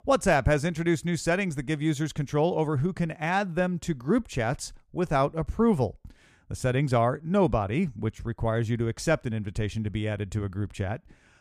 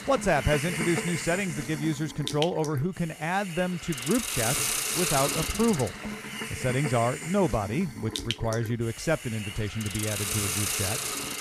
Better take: first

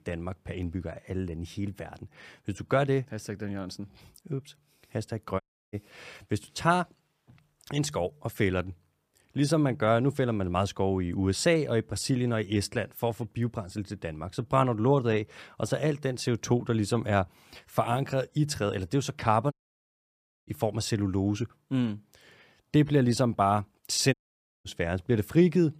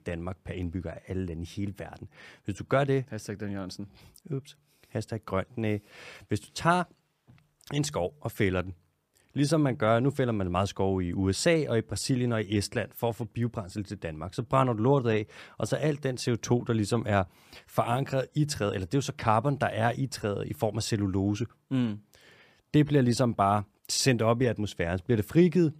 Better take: second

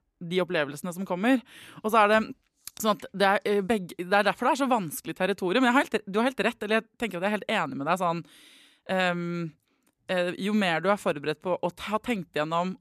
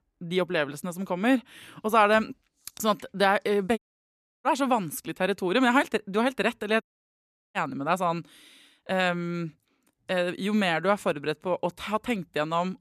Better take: first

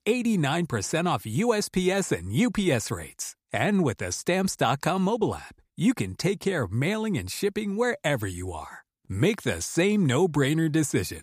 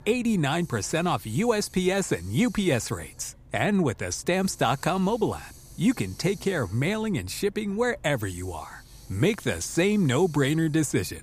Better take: first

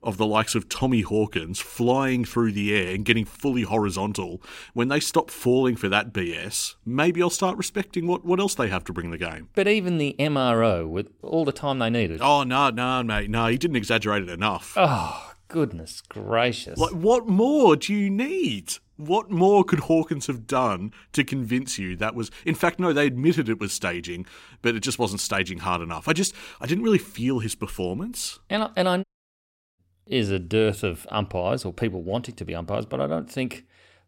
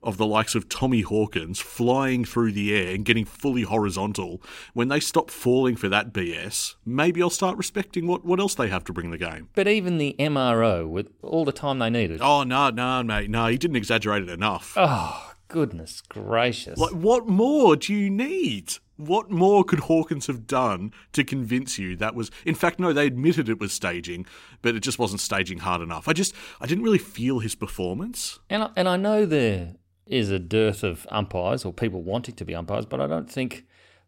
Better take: second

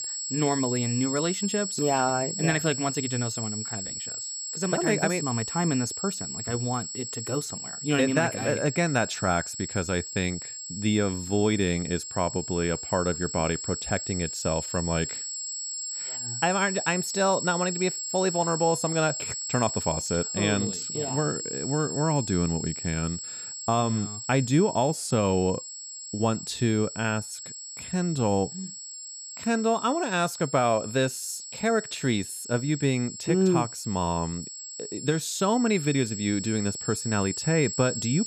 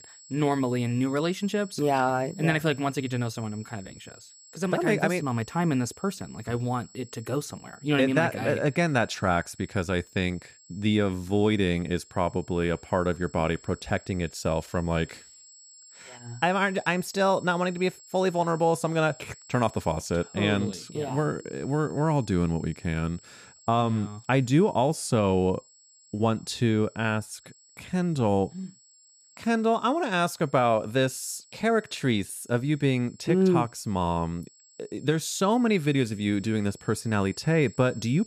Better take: second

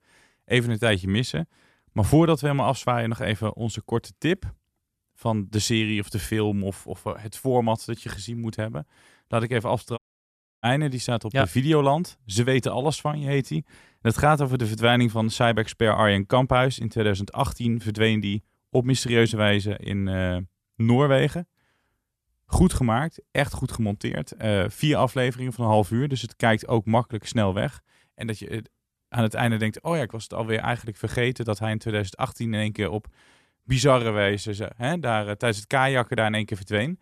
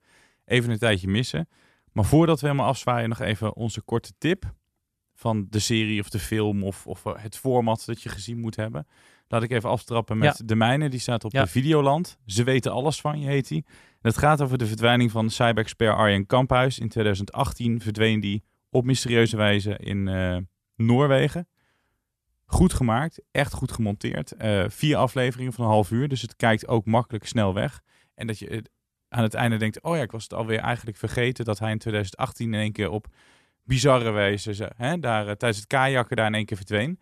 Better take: second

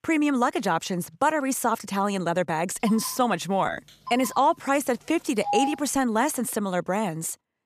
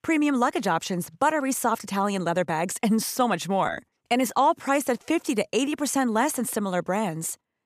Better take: second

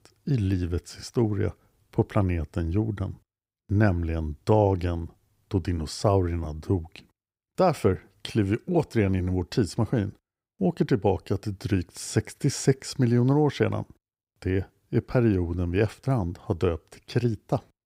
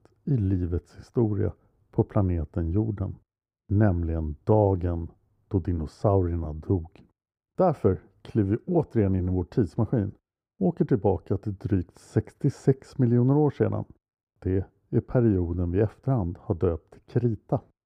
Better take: first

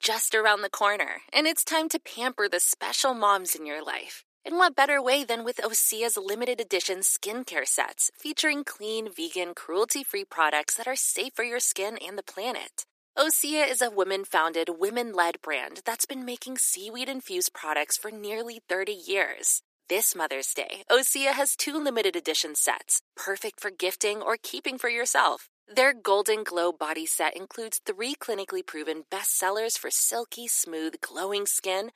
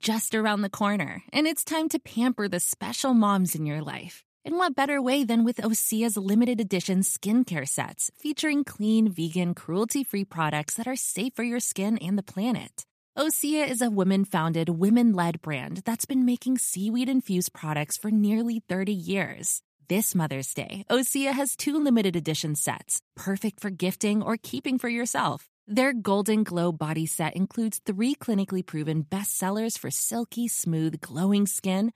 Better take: second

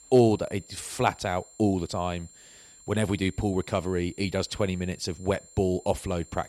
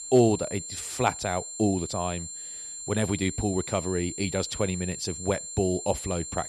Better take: first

